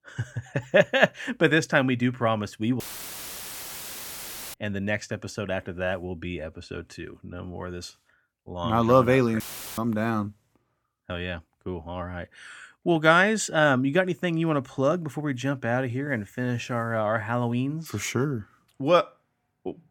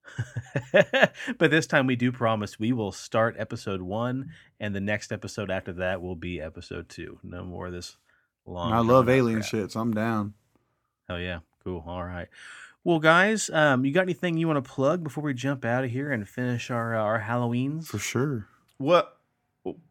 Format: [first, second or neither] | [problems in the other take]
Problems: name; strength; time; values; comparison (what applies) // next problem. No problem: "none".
second | audio cutting out; filled with static; at 3 s for 1.5 s and at 9.5 s